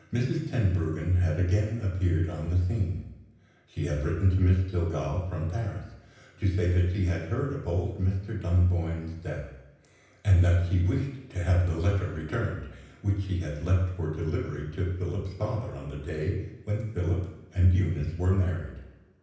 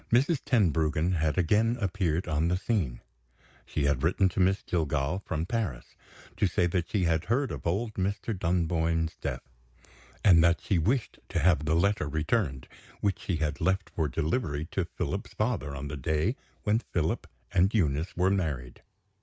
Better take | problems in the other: second | room echo; dies away in 0.9 s

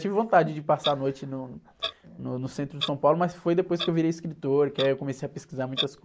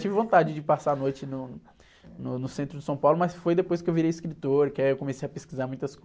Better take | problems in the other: second | noise reduction (neural mask model Resemble Enhance denoiser)

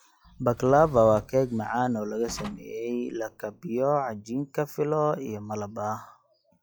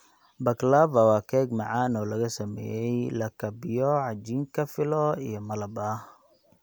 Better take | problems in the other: second | noise reduction (classical method log-MMSE)

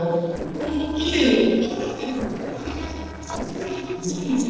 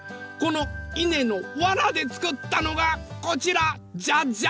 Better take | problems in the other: second | noise reduction (neural separator model SepFormer DNS4)

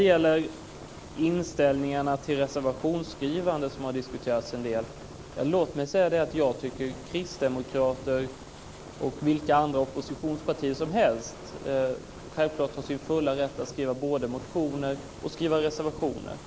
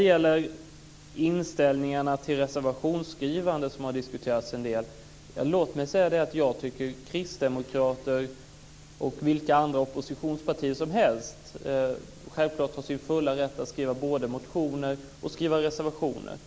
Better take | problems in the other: second | background sound (Fire); 16 dB below the speech

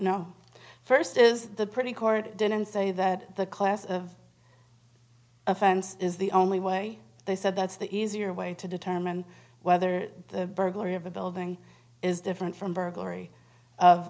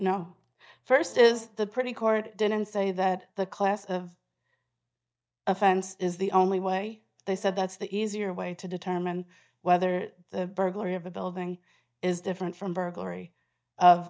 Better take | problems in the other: first | noise reduction (neural mask model DeepFilterNet 3)

